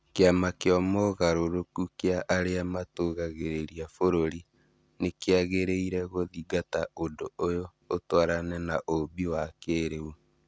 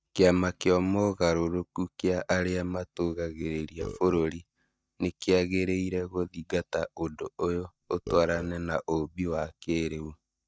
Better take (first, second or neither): first